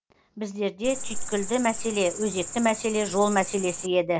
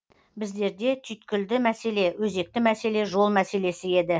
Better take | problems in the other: second | background sound (Cricket); 7 dB below the speech

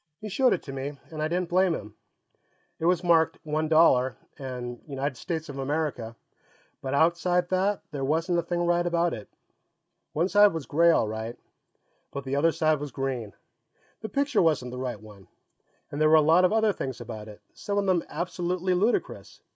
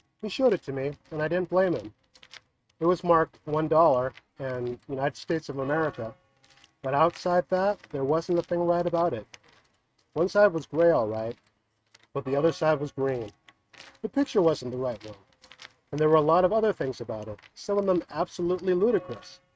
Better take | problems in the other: first | noise reduction (neural mask model RNNoise)

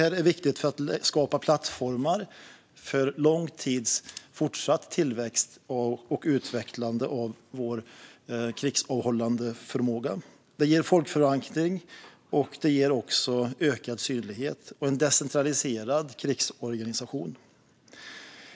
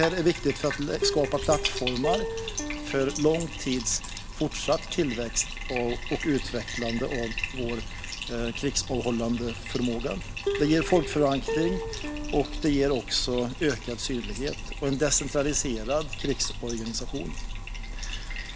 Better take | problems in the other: first | background sound (Plucked string instrument + Bathtub (filling or washing)); 5 dB below the speech

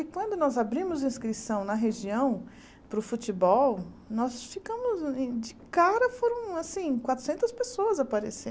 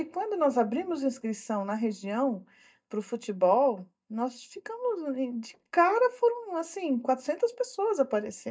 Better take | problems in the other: first | noise reduction (neural mask model DeepFilterNet 3)

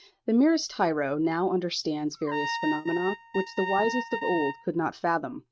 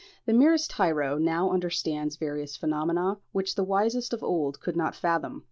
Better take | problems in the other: second | noise reduction (neural mask model RNNoise)

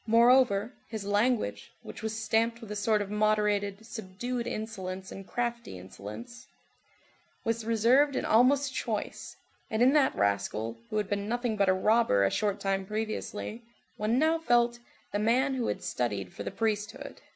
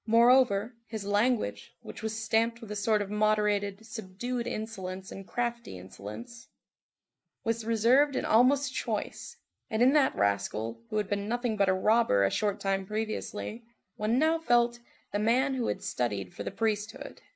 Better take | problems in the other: first | noise reduction (neural mask model Resemble Enhance denoiser)

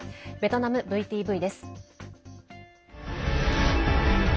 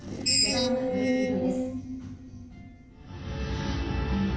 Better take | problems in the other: first | background sound (Screech); 2 dB above the speech // room echo; dies away in 0.6 s

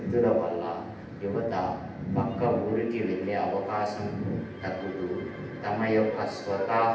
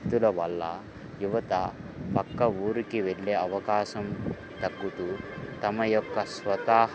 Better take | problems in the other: second | room echo; dies away in 0.9 s

